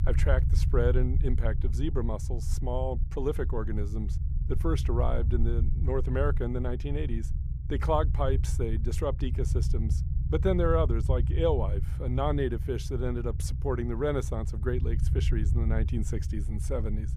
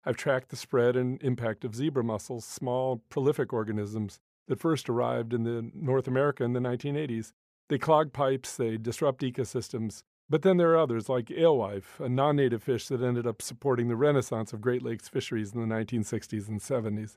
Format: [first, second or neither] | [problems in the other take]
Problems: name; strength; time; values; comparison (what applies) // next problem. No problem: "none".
second | low rumble; noticeable; throughout; 15 dB below the speech